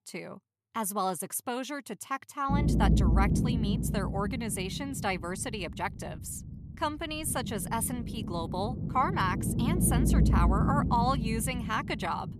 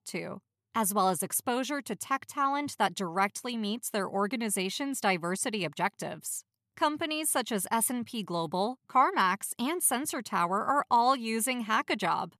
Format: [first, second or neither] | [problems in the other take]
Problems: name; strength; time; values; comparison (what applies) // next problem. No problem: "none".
second | low rumble; loud; from 2.5 s on; 7 dB below the speech